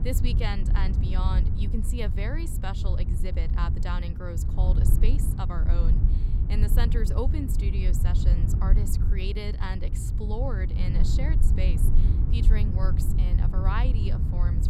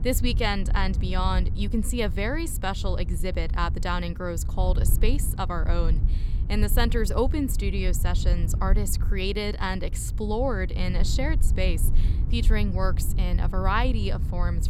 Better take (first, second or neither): second